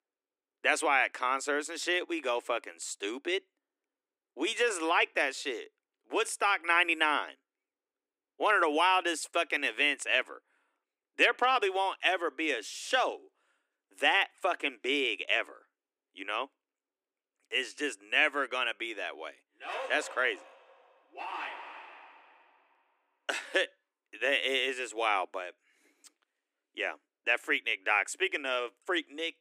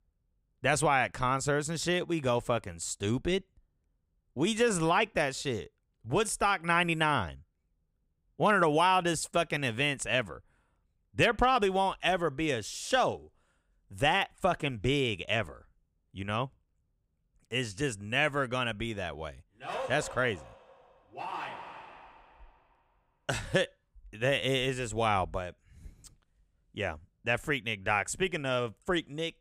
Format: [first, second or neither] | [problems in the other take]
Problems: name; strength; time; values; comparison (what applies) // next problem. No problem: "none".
second | thin; somewhat; fading below 300 Hz